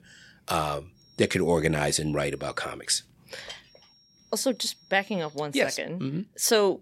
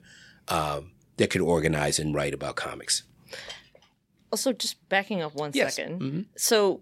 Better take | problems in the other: second | high-pitched whine; faint; from 1 to 2.5 s and from 3.5 to 5.5 s; 5.5 kHz, 30 dB below the speech

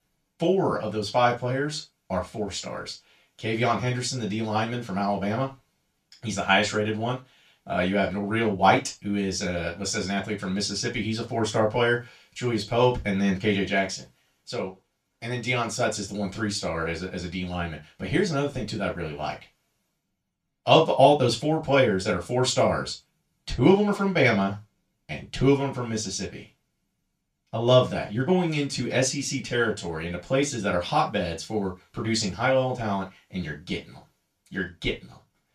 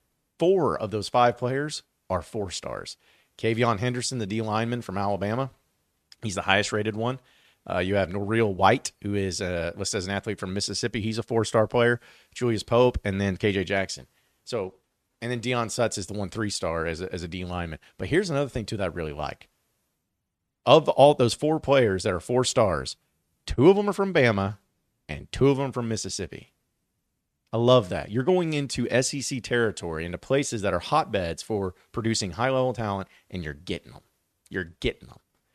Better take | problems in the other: second | room echo; very slight; dies away in 0.2 s // off-mic speech; far

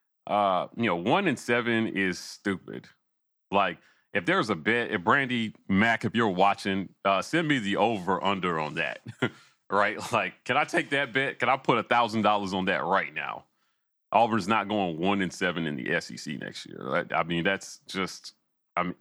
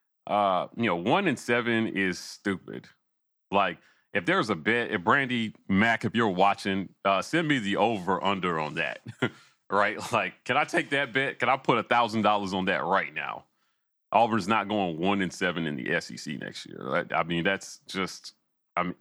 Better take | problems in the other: neither | none

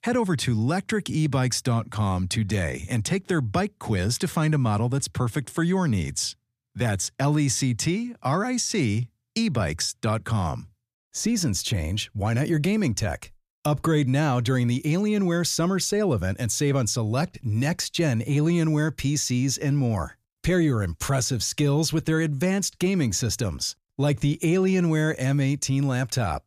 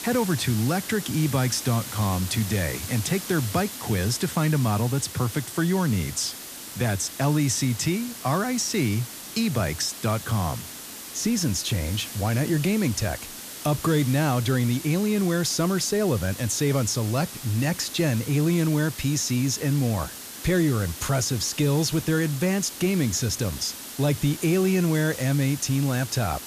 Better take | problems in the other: first | hiss; noticeable; throughout; 10 dB below the speech

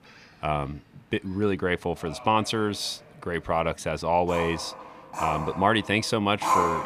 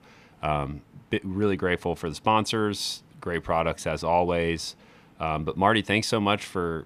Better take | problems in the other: second | animal sounds; loud; throughout; 5 dB below the speech

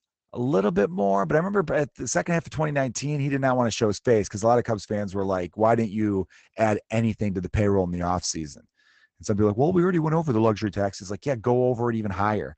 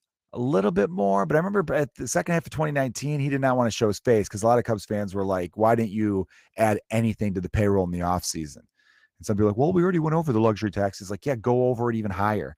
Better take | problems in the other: second | garbled, watery; badly; nothing above 7.5 kHz; slightly in the second

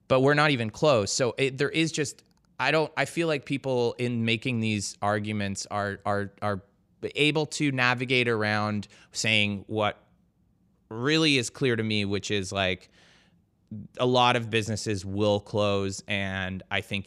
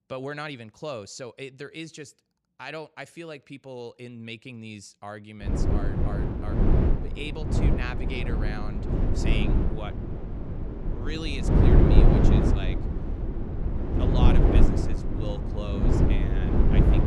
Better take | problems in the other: first | wind noise on the microphone; heavy; from 5.5 s on; 4 dB above the speech

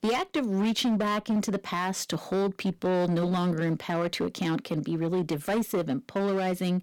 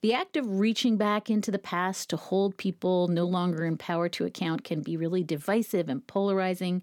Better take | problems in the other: second | distortion; slight; 15% of the sound clipped

